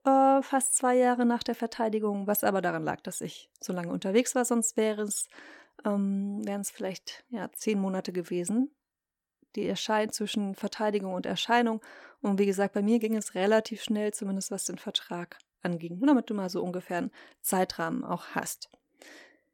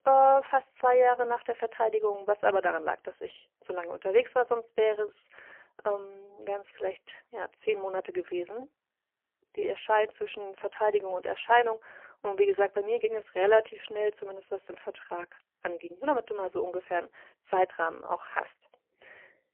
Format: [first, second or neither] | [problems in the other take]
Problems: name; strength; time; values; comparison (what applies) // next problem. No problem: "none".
first | phone-call audio; poor line; nothing above 3 kHz